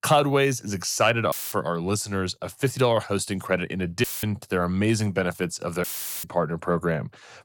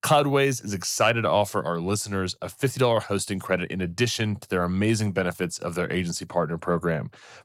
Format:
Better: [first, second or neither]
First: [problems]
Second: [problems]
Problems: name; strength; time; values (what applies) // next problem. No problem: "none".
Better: second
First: audio cutting out; filled with static; at 1.5 s, at 4 s and at 6 s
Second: none